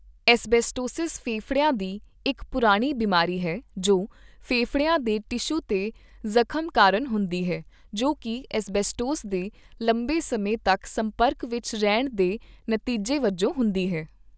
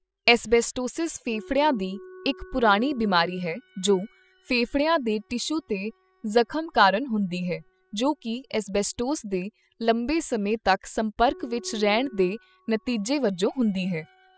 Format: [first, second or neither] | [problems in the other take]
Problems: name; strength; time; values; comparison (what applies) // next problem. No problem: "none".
first | noise reduction (classical method spectral subtraction)